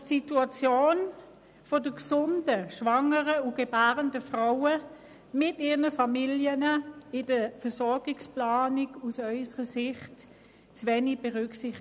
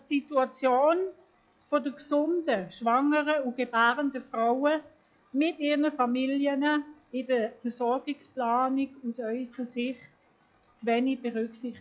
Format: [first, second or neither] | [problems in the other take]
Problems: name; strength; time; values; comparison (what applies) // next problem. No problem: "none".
first | noise reduction (classical method log-MMSE)